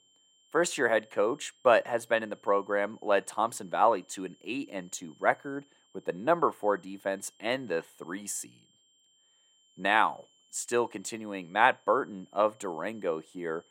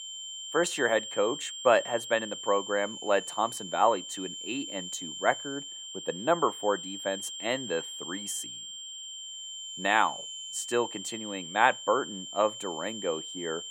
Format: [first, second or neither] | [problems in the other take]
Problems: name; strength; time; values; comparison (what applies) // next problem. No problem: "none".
first | high-pitched whine; loud; throughout; 3 kHz, 8 dB below the speech; faint in the first